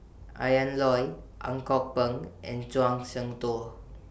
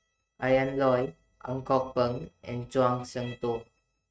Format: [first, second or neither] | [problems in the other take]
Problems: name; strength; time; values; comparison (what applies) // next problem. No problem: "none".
first | noise reduction (neural mask model RNNoise)